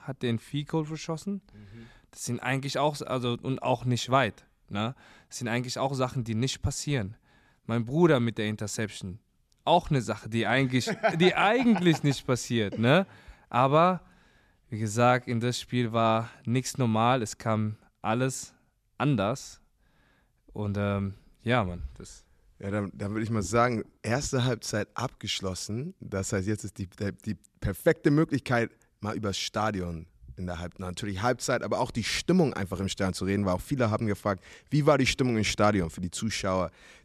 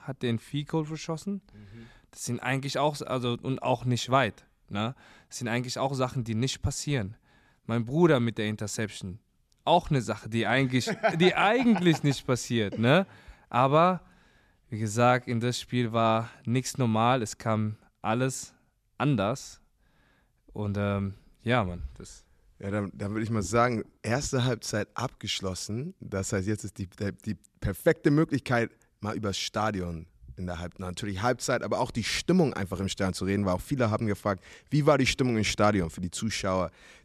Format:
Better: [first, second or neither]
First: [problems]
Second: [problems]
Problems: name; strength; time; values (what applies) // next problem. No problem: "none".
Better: neither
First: none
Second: none